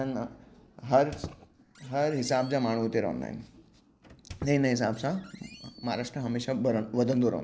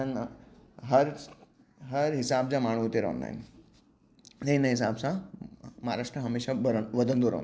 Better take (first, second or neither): second